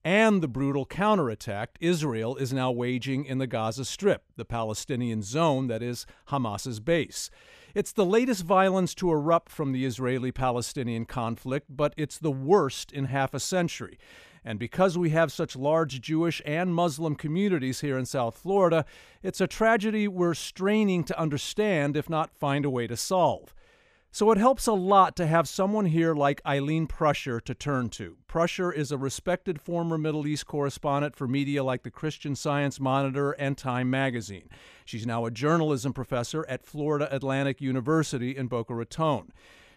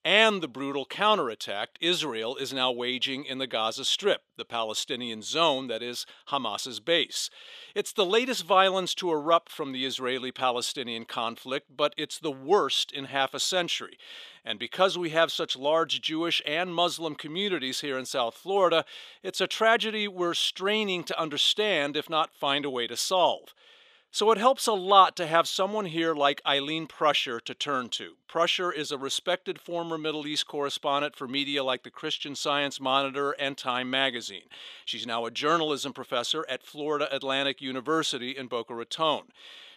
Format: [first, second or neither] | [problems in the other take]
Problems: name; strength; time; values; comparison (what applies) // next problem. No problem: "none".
first | thin; somewhat; fading below 350 Hz